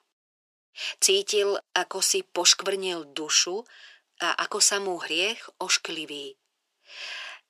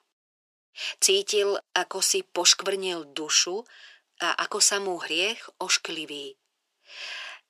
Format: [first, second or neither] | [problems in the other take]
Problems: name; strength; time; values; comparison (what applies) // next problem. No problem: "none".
neither | thin; very; fading below 400 Hz; the same in both